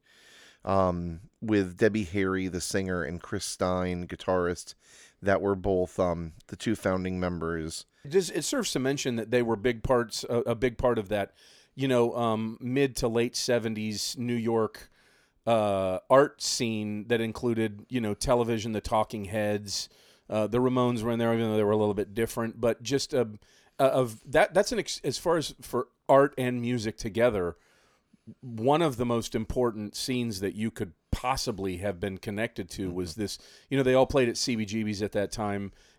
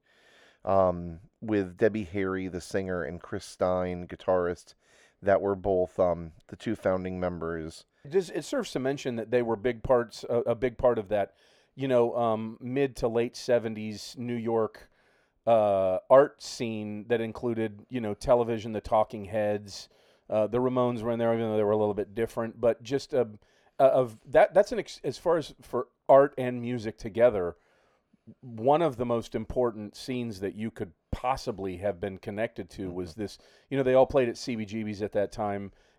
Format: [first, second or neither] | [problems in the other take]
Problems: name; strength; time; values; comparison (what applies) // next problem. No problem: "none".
first | muffled; slightly; fading above 4 kHz